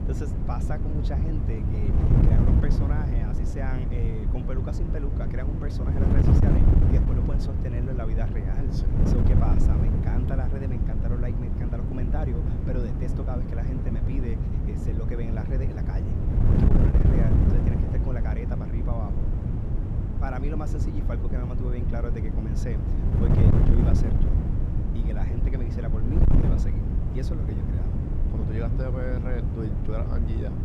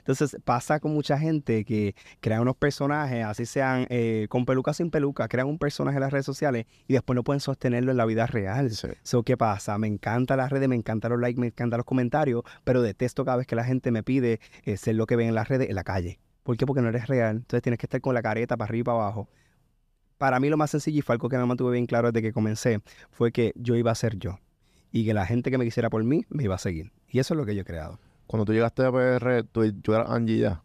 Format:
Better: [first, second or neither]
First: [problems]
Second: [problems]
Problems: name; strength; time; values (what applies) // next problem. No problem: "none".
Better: second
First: wind noise on the microphone; heavy; 3 dB above the speech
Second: none